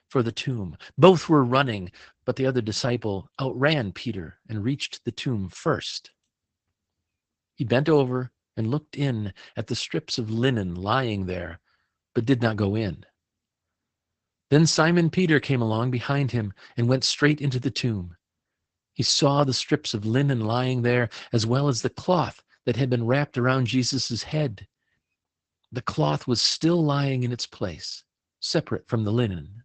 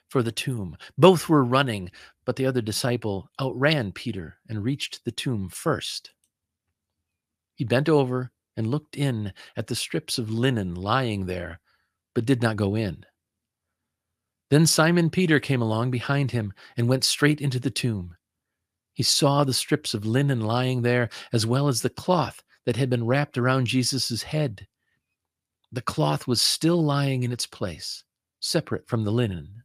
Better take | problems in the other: second | garbled, watery; badly; nothing above 8 kHz

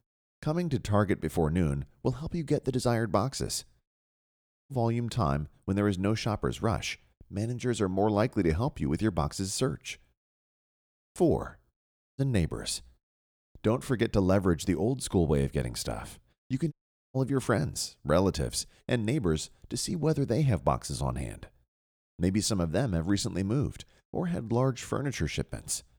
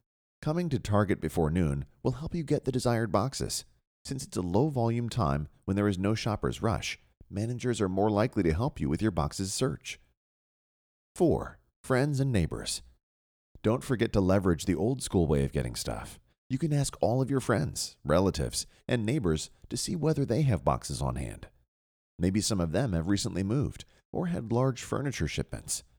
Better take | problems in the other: second | audio cutting out; at 4 s for 1 s, at 12 s and at 17 s

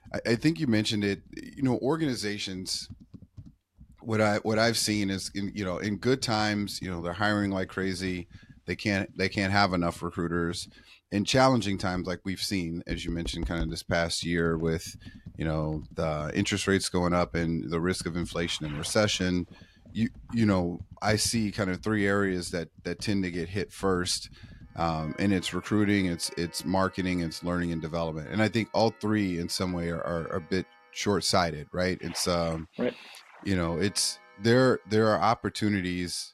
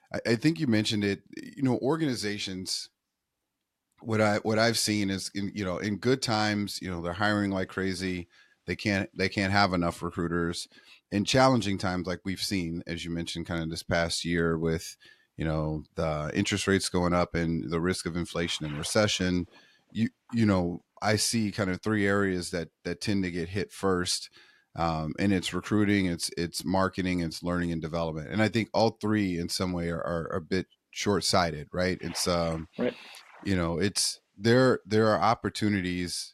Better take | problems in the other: second | household noises; faint; throughout; 20 dB below the speech

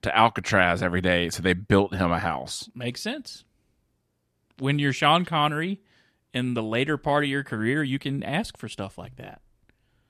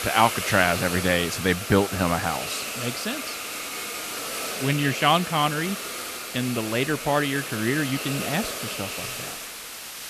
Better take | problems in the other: first | hiss; loud; throughout; 6 dB below the speech

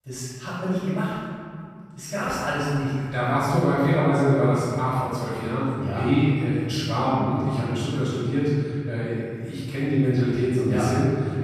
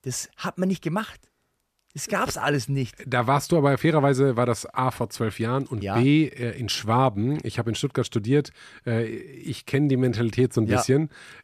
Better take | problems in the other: second | room echo; strong; dies away in 2.2 s // off-mic speech; far

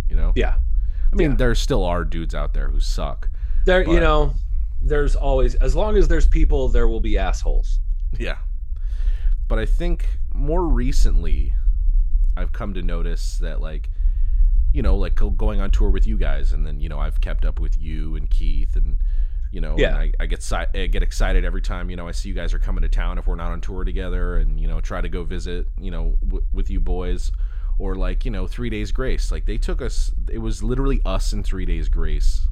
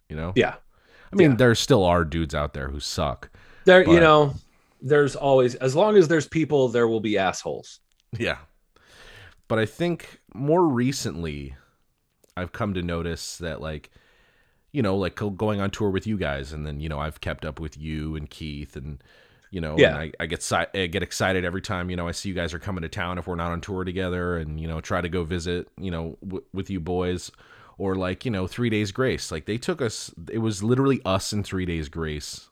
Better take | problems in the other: second | low rumble; faint; throughout; 25 dB below the speech

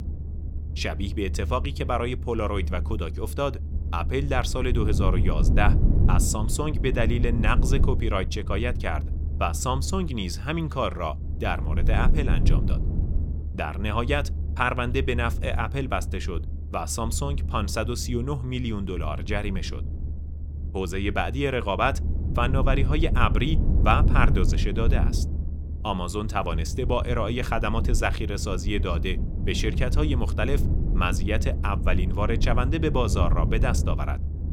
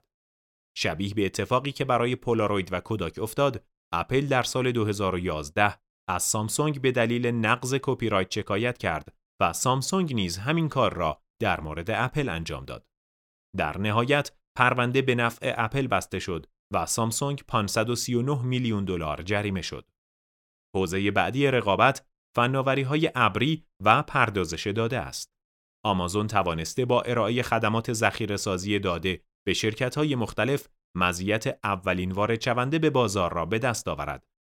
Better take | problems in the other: second | low rumble; noticeable; throughout; 10 dB below the speech

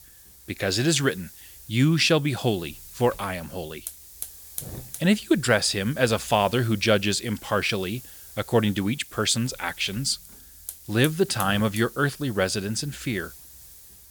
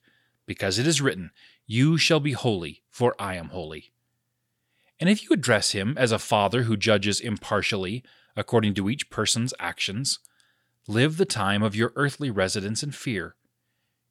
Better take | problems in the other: second | hiss; noticeable; throughout; 15 dB below the speech

